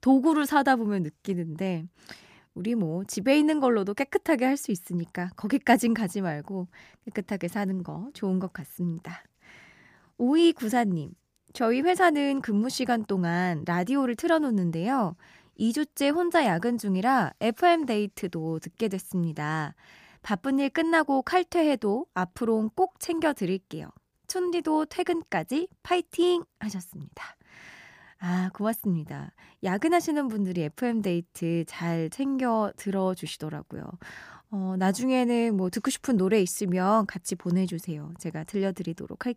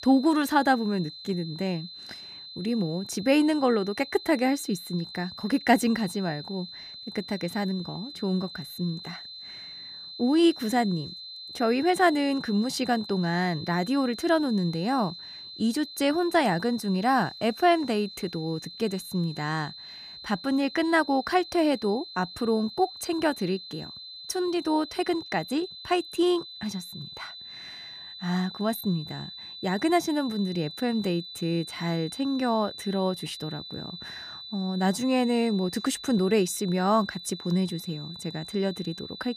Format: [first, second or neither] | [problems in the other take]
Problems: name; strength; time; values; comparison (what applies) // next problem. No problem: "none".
first | high-pitched whine; noticeable; throughout; 4 kHz, 10 dB below the speech